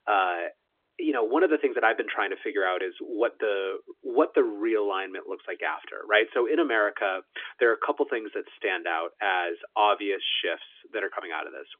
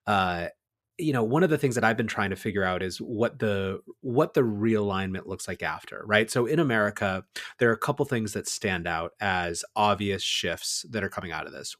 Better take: second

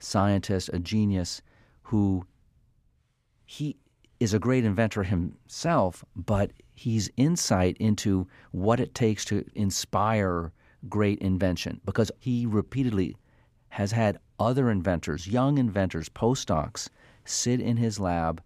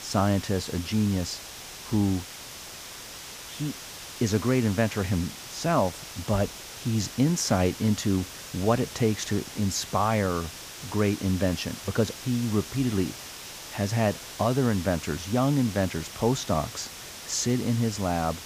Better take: first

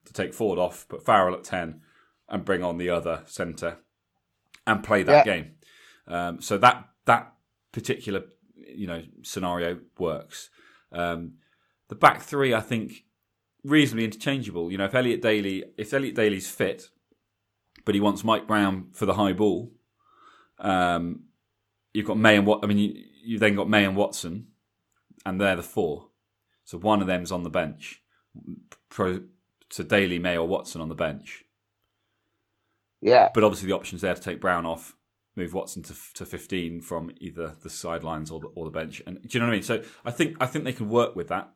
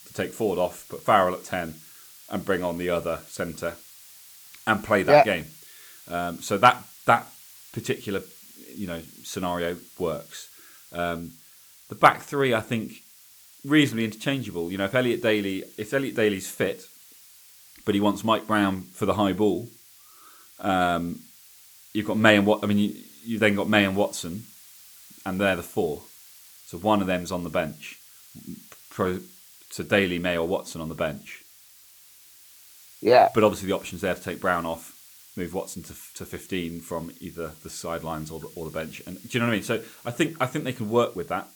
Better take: first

